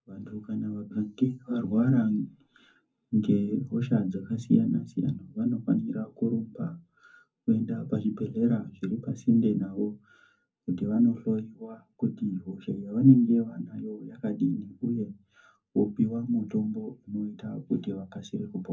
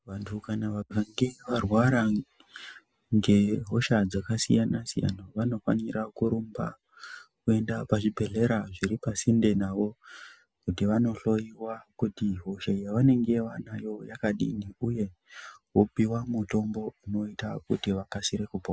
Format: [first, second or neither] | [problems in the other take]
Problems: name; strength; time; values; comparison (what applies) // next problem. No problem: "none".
second | room echo; dies away in 0.3 s